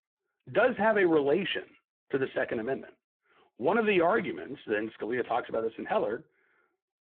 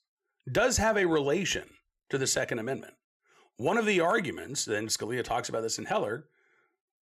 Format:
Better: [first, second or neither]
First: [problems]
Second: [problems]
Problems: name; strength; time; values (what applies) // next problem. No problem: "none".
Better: second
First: phone-call audio; poor line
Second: none